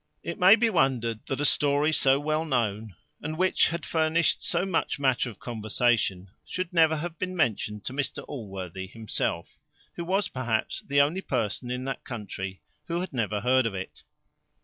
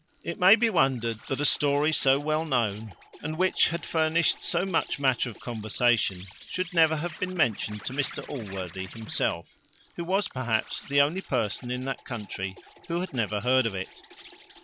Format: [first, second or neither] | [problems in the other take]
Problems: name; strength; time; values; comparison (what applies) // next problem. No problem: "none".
first | background sound (Insect); 20 dB below the speech